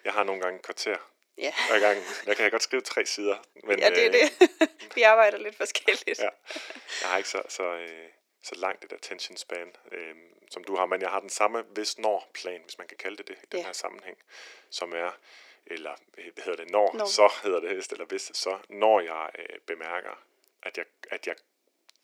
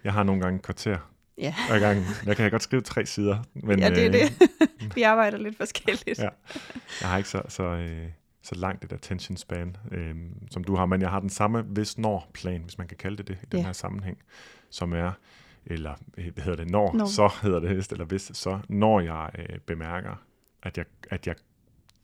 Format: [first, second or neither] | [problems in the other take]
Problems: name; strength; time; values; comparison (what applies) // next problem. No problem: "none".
second | thin; very; fading below 350 Hz